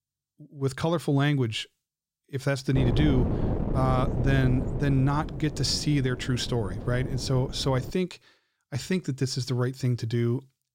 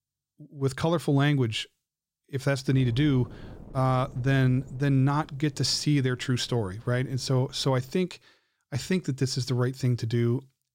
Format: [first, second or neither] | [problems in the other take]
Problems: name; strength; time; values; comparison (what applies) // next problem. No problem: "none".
second | wind noise on the microphone; heavy; from 3 to 8 s; 7 dB below the speech; occasional gusts in the second